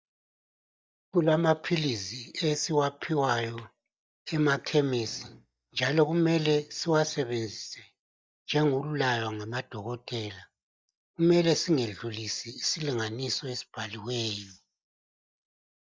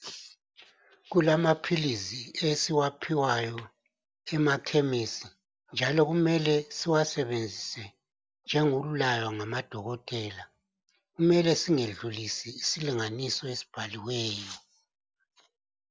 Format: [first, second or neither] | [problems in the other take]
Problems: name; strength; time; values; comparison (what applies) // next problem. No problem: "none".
second | noise reduction (neural mask model DeepFilterNet 3)